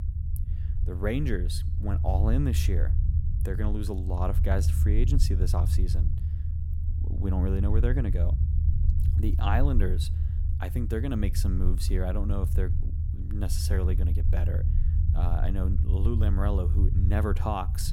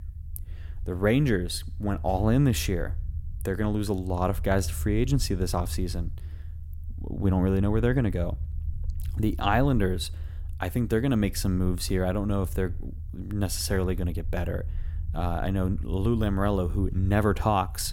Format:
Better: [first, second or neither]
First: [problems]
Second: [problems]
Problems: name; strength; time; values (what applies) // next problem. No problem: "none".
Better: second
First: low rumble; loud; throughout; 8 dB below the speech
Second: low rumble; faint; throughout; 25 dB below the speech